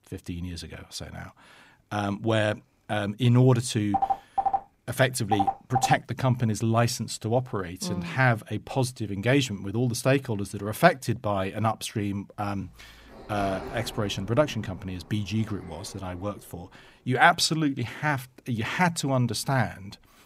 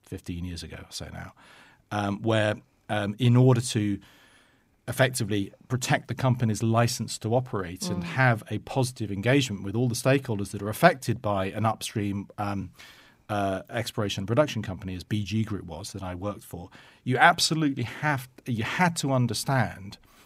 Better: second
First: phone ringing; noticeable; from 4 to 6 s; peak 1 dB below the speech // door banging; faint; from 13 to 16 s; peak 10 dB below the speech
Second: none

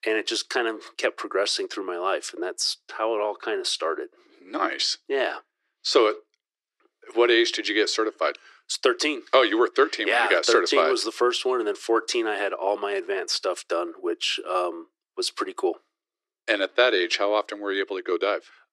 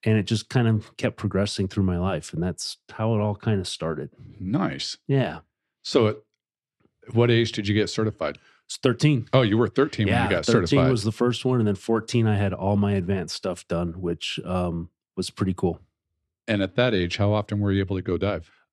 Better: second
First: thin; very; fading below 350 Hz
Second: none

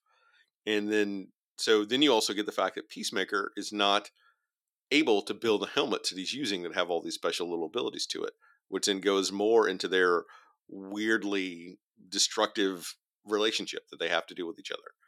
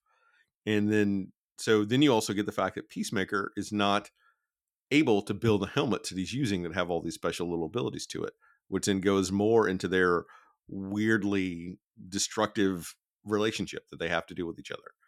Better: second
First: thin; very slightly; fading below 400 Hz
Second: none

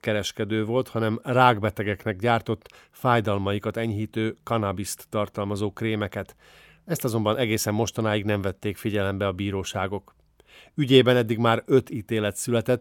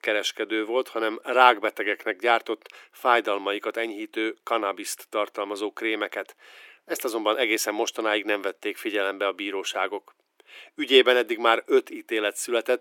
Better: first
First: none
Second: thin; very; fading below 300 Hz

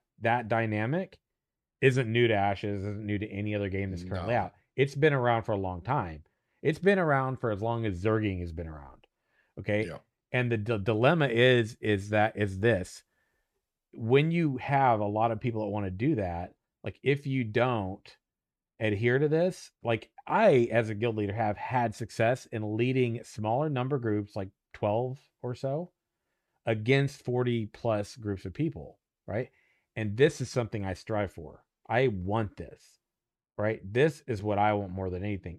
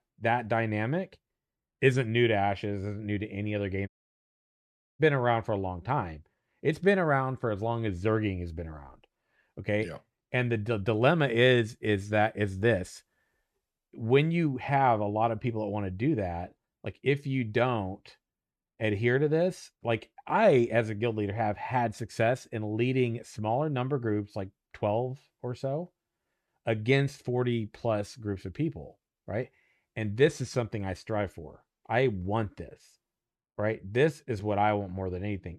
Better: first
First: none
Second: audio cutting out; at 4 s for 1 s

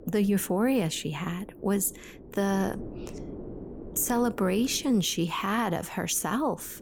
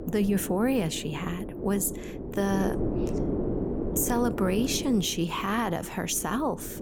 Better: first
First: wind noise on the microphone; occasional gusts; 20 dB below the speech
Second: wind noise on the microphone; heavy; 7 dB below the speech

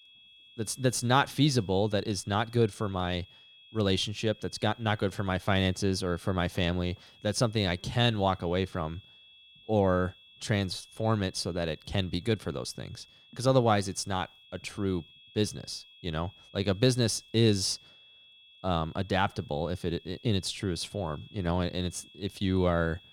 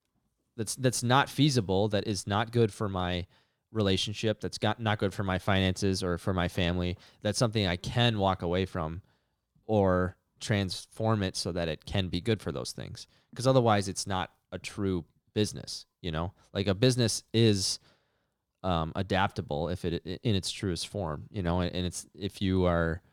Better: second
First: high-pitched whine; faint; throughout; 3.5 kHz, 25 dB below the speech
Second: none

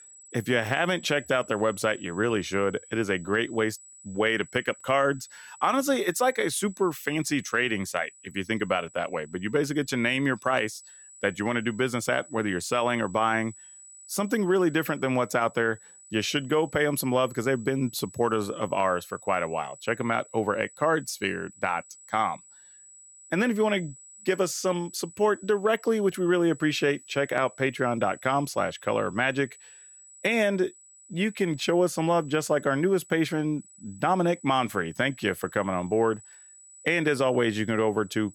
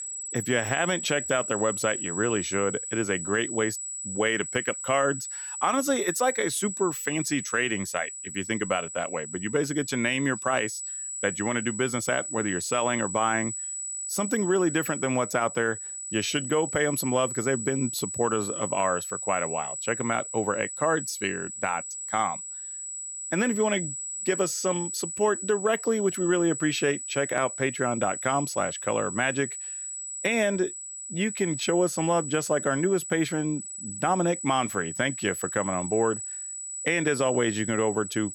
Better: first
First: high-pitched whine; faint; throughout; 8 kHz, 20 dB below the speech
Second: high-pitched whine; loud; throughout; 8 kHz, 5 dB below the speech

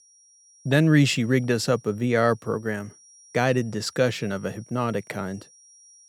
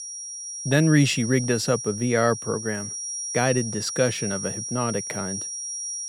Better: first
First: high-pitched whine; faint; throughout; 5.5 kHz, 30 dB below the speech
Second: high-pitched whine; loud; throughout; 5.5 kHz, 6 dB below the speech

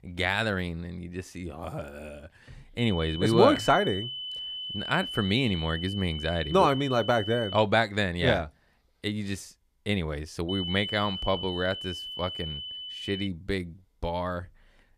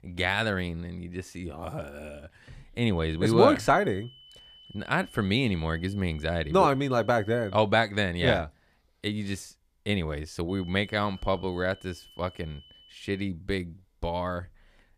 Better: second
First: high-pitched whine; loud; from 3 to 7.5 s and from 10 to 13 s; 3 kHz, 7 dB below the speech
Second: high-pitched whine; faint; from 3 to 7.5 s and from 10 to 13 s; 3 kHz, 25 dB below the speech

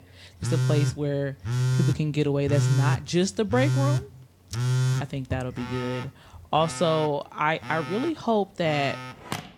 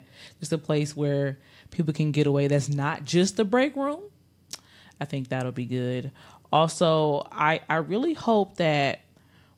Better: second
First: alarms or sirens; loud; throughout; 1 dB below the speech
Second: none

